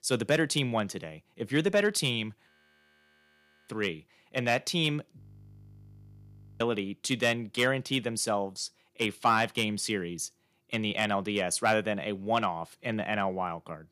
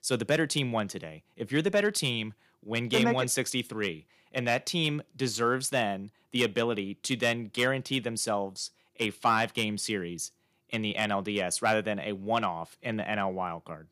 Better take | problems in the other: second | audio freezing; at 2.5 s for 1 s and at 5 s for 1.5 s

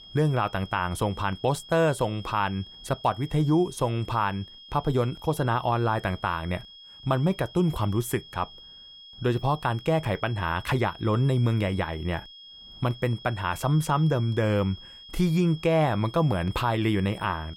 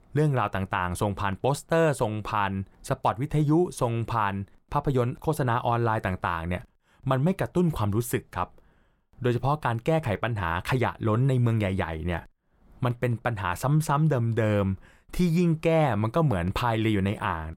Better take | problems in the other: second | high-pitched whine; noticeable; throughout; 3.5 kHz, 20 dB below the speech

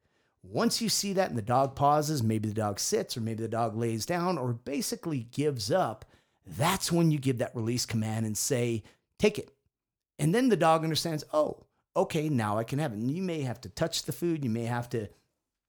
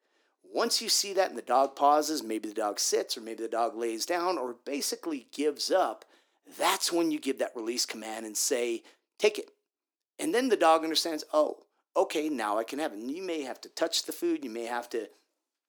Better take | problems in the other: first | thin; somewhat; fading below 300 Hz

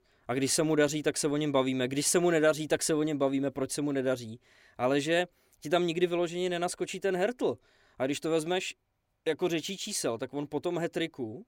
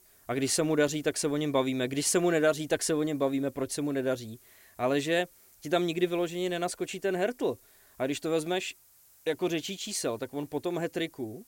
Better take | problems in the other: first | hiss; faint; throughout; 25 dB below the speech

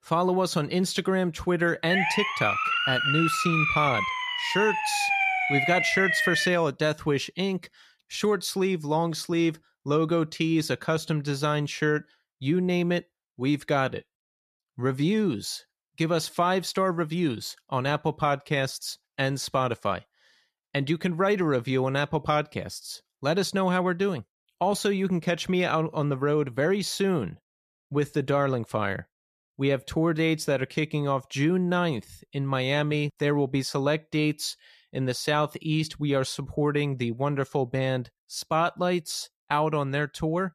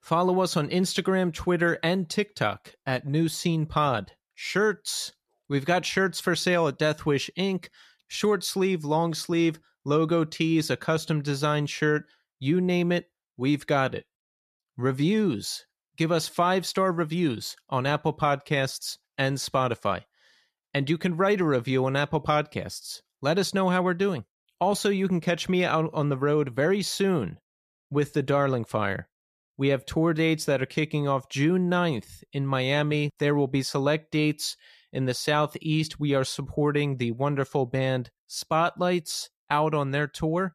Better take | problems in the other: second | siren; loud; from 2 to 6.5 s; peak 4 dB above the speech

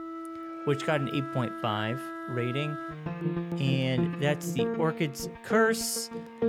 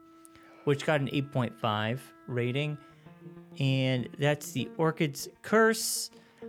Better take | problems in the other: second | background music; loud; throughout; 5 dB below the speech; faint in the second

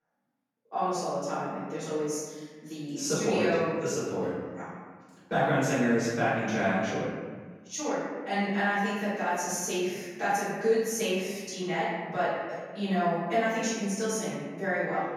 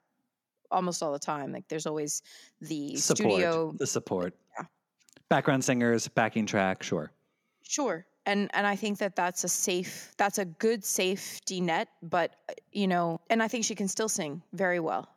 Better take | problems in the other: second | off-mic speech; far // room echo; strong; dies away in 1.4 s

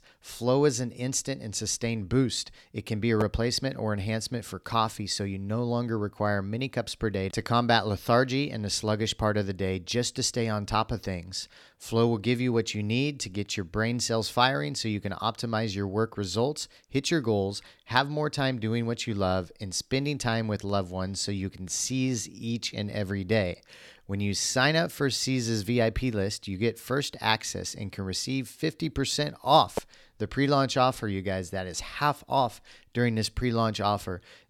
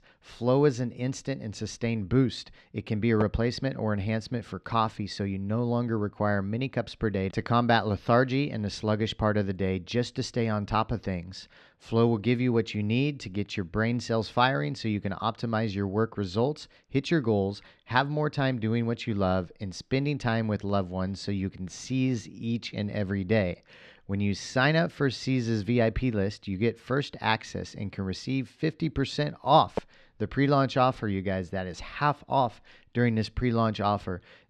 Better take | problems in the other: first | muffled; slightly; fading above 3 kHz

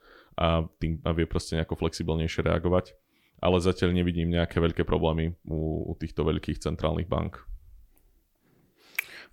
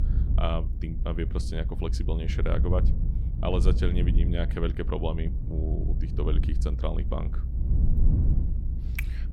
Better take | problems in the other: first | low rumble; loud; throughout; 8 dB below the speech

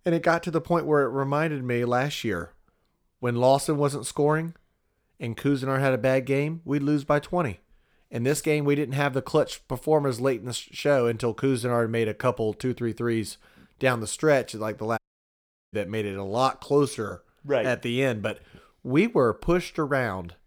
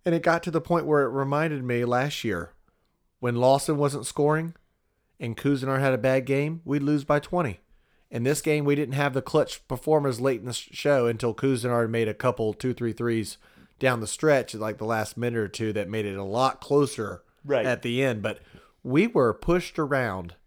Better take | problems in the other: second | audio cutting out; at 15 s for 0.5 s

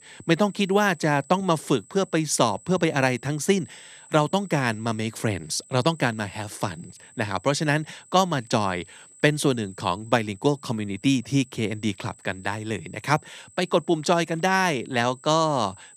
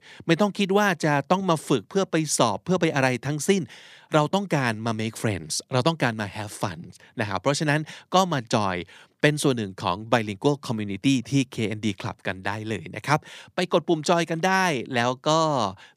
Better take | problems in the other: second | high-pitched whine; faint; throughout; 8 kHz, 25 dB below the speech

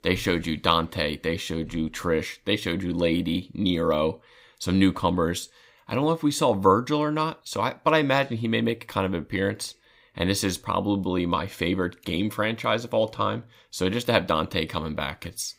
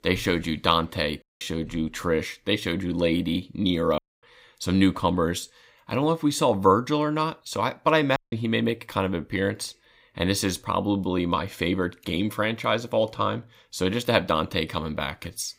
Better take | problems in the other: first | audio cutting out; at 1 s, at 4 s and at 8 s

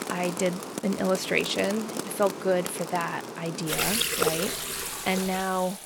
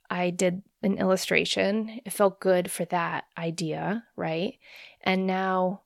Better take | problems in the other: second | rain or running water; loud; throughout; 2 dB below the speech

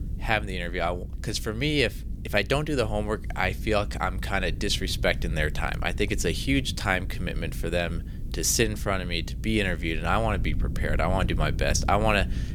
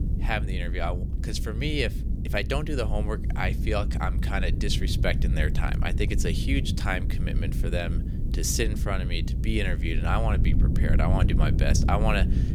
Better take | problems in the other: first | low rumble; loud; throughout; 9 dB below the speech; faint in the first

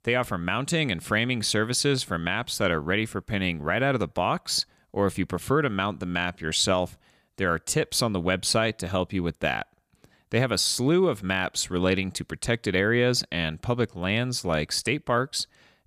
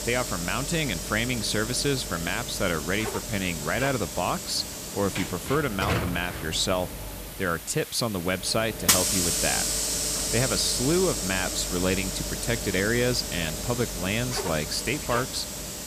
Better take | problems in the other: first | hiss; loud; throughout; 1 dB below the speech

